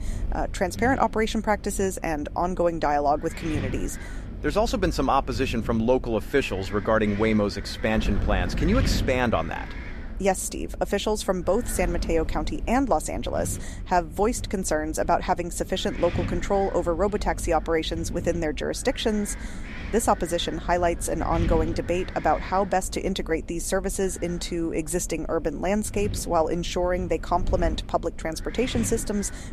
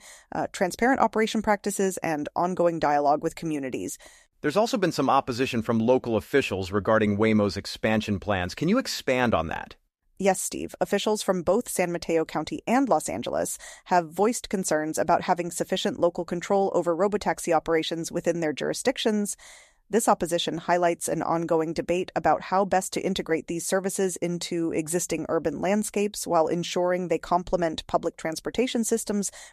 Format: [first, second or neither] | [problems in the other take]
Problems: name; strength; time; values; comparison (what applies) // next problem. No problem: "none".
second | wind noise on the microphone; occasional gusts; 15 dB below the speech